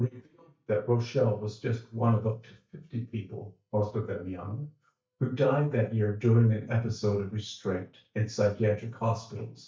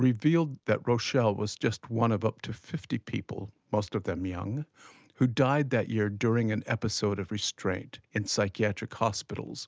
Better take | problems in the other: second | noise reduction (neural mask model DeepFilterNet 3)

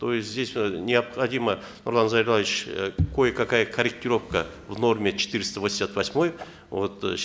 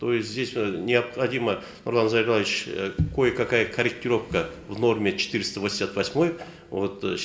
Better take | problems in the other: first | room echo; dies away in 1.9 s

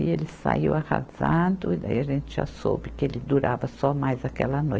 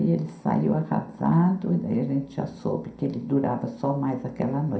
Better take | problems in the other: first | room echo; dies away in 0.5 s

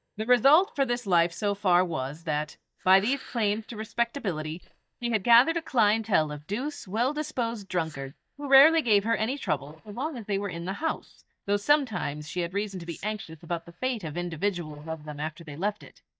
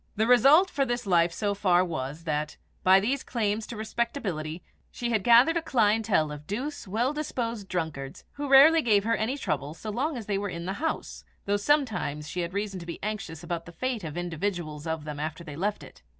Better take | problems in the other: second | noise reduction (neural mask model DeepFilterNet 3)

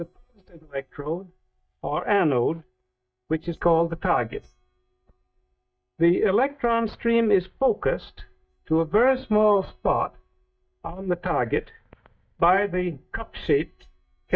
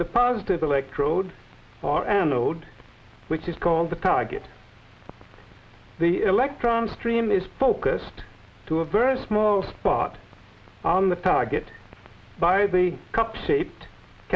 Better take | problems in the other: second | noise reduction (neural mask model DeepFilterNet 3)

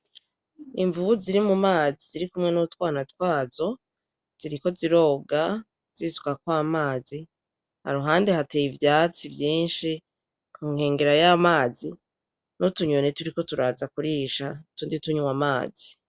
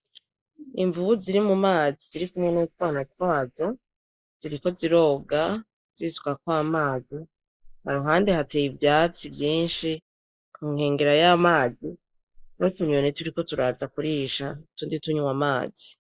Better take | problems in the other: first | noise reduction (neural mask model Resemble Enhance denoiser)

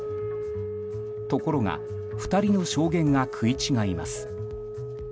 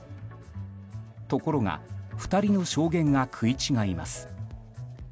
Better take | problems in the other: second | background sound (Wind instrument, woodwind instrument); 7 dB below the speech

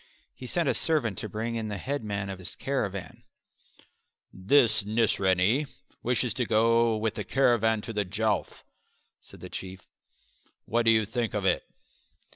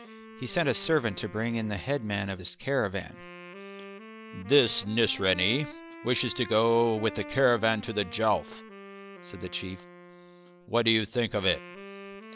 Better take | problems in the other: first | background sound (Wind instrument, woodwind instrument); 16 dB below the speech

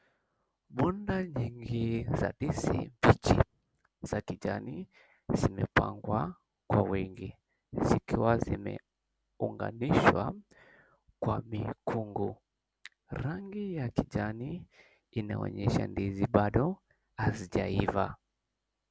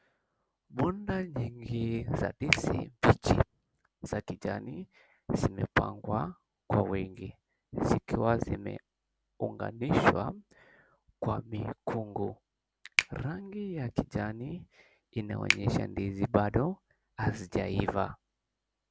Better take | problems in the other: first | background sound (Finger snapping); 6 dB below the speech

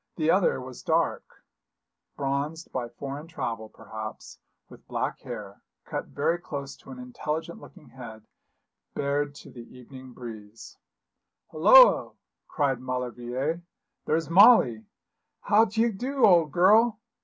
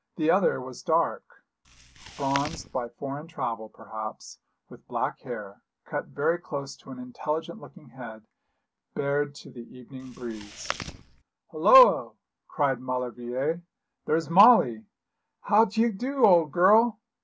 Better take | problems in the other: first | background sound (Chewing, mastication); 12 dB below the speech

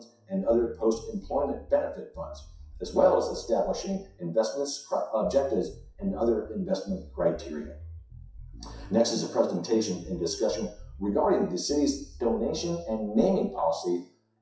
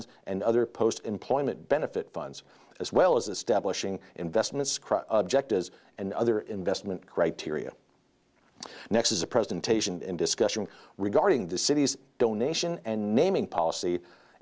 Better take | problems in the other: second | noise reduction (classical method WPE with log-MMSE)

